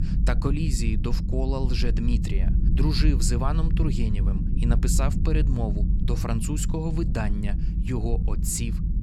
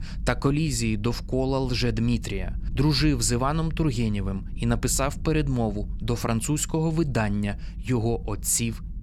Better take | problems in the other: second | low rumble; loud; throughout; 7 dB below the speech; faint in the second

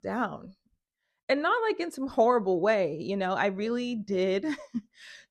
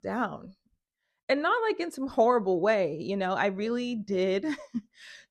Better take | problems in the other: neither | none

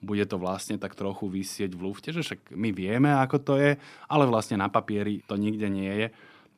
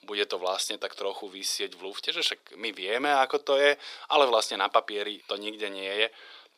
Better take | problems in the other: first | thin; very; fading below 450 Hz

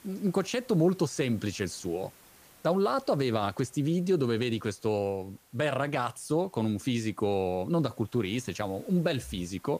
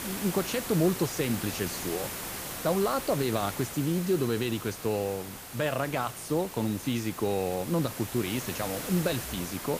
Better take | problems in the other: first | hiss; loud; throughout; 7 dB below the speech; faint in the first

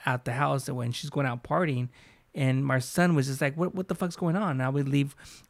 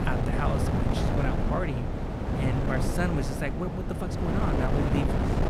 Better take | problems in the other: first | wind noise on the microphone; heavy; 1 dB above the speech

